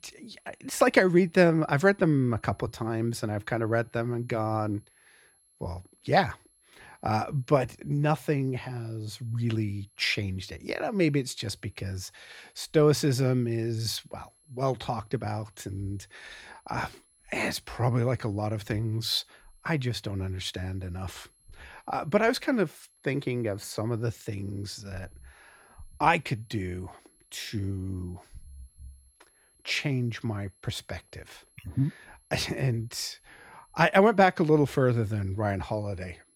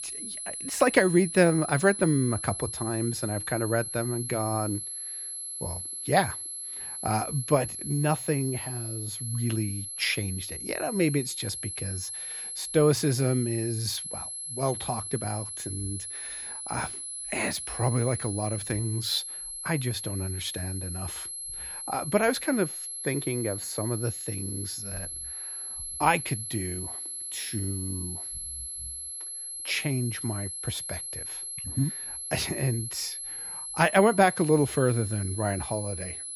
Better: first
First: high-pitched whine; faint; throughout; 11 kHz, 35 dB below the speech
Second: high-pitched whine; loud; throughout; 11 kHz, 5 dB below the speech

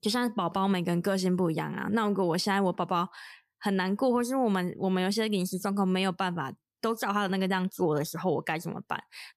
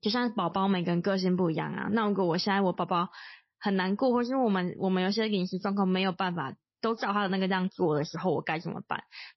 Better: first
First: none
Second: garbled, watery; slightly; nothing above 5.5 kHz

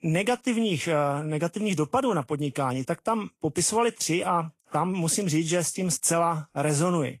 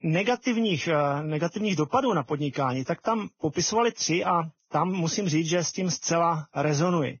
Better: first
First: garbled, watery; slightly; nothing above 10.5 kHz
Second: garbled, watery; badly; nothing above 6.5 kHz

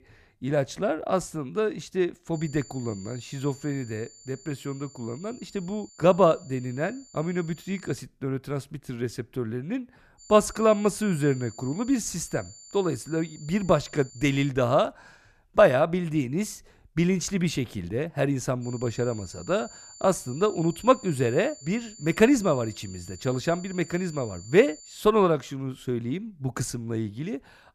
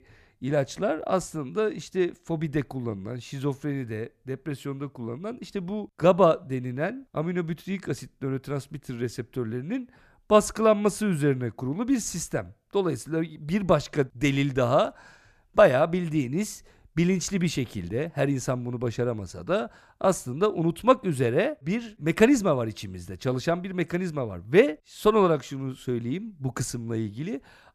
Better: second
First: high-pitched whine; noticeable; from 2.5 to 8 s, from 10 to 14 s and from 19 to 25 s; 7 kHz, 20 dB below the speech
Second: none

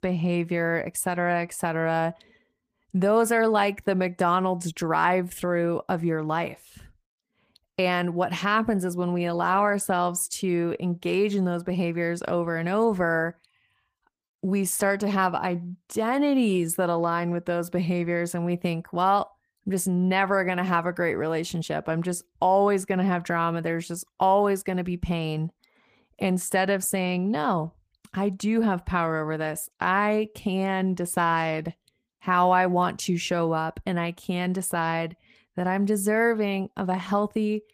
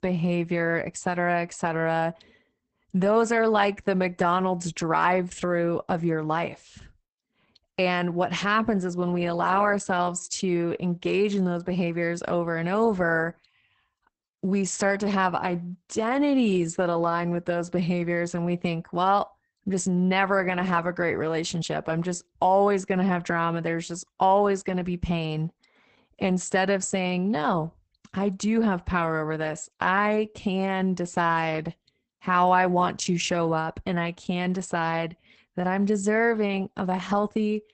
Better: first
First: garbled, watery; slightly; nothing above 15 kHz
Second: garbled, watery; badly; nothing above 8 kHz

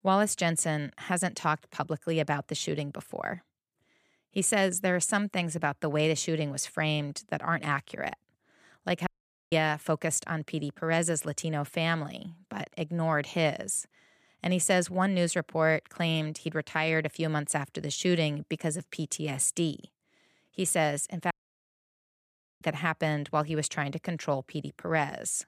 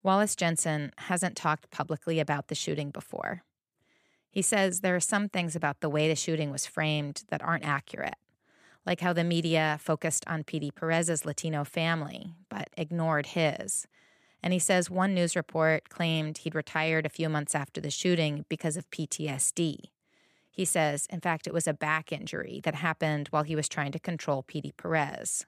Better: second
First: audio cutting out; at 9 s and at 21 s for 1.5 s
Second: none

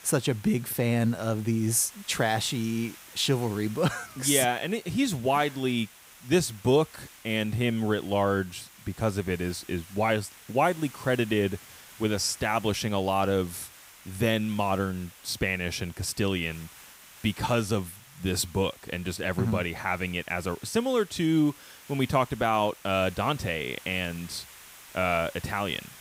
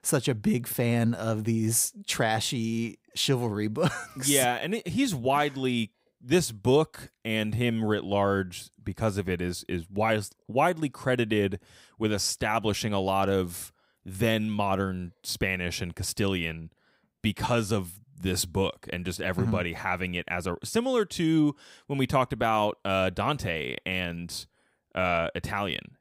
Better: second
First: hiss; noticeable; throughout; 20 dB below the speech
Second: none

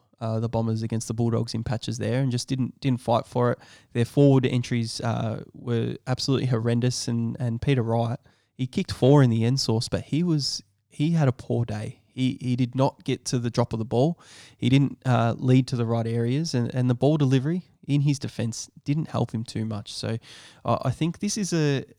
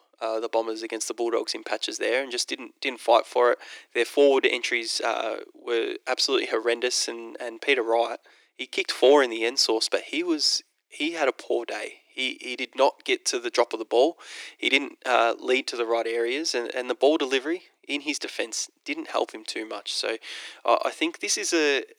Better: first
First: none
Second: thin; very; fading below 350 Hz

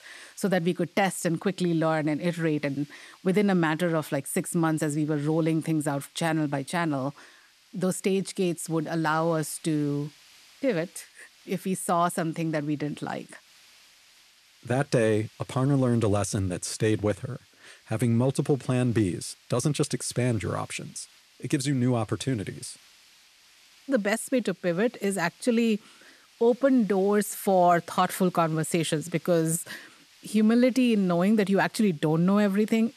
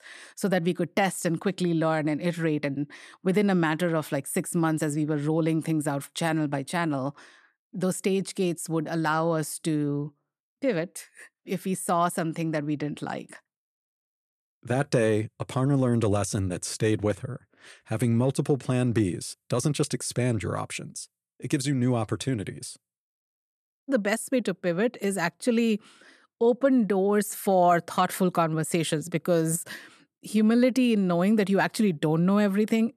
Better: second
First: hiss; faint; throughout; 30 dB below the speech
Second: none

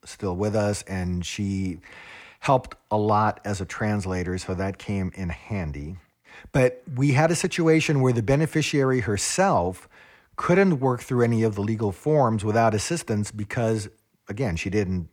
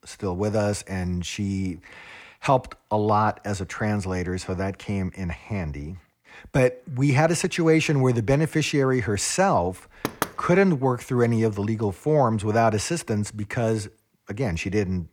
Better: first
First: none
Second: door banging; noticeable; at 10 s; peak 5 dB below the speech

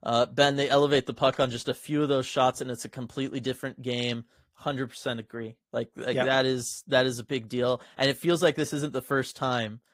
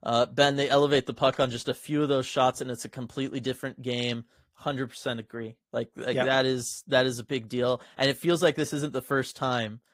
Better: neither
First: garbled, watery; slightly; nothing above 15.5 kHz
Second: garbled, watery; slightly; nothing above 15.5 kHz

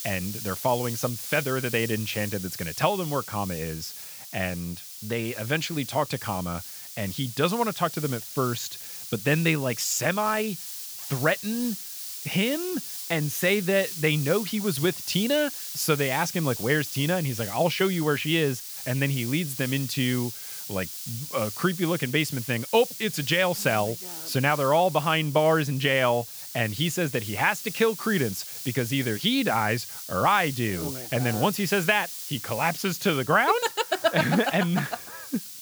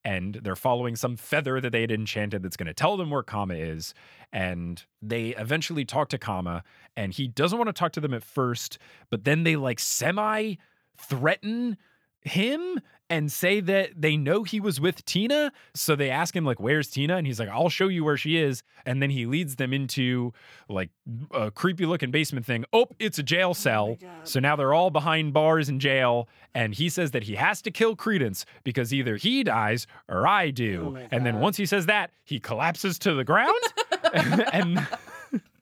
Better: second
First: hiss; loud; throughout; 9 dB below the speech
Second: none

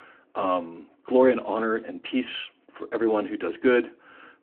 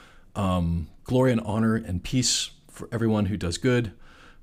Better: second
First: phone-call audio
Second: none

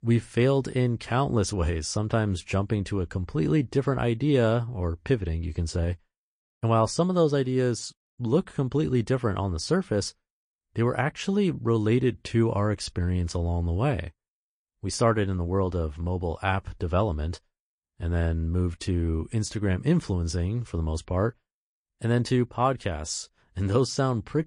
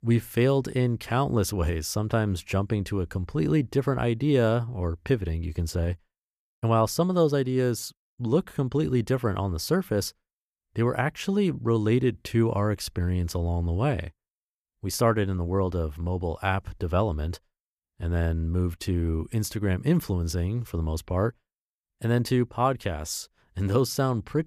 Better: second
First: garbled, watery; slightly; nothing above 10 kHz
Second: none

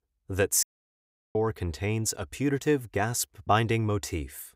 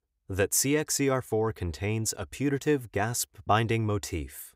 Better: second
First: audio cutting out; at 0.5 s for 0.5 s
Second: none

